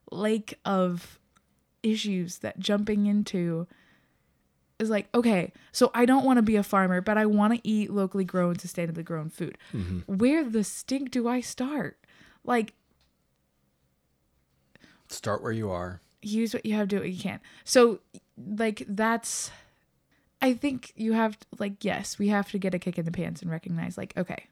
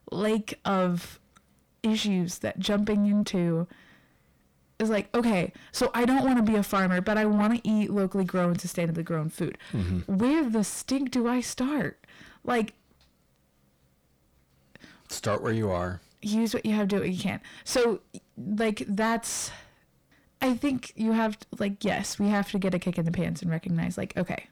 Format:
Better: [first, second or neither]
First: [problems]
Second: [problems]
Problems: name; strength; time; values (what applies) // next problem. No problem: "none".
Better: first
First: none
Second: distortion; heavy; 7 dB below the speech